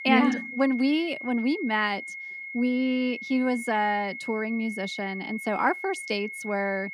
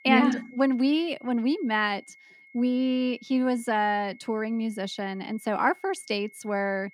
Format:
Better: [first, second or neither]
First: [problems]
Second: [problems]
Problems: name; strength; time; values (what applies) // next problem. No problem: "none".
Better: second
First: high-pitched whine; loud; throughout; 2 kHz, 9 dB below the speech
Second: high-pitched whine; faint; throughout; 2 kHz, 25 dB below the speech